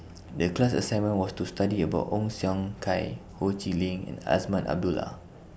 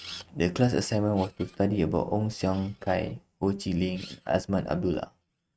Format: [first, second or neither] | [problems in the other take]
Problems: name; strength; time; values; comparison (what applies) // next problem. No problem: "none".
first | noise reduction (neural mask model RNNoise)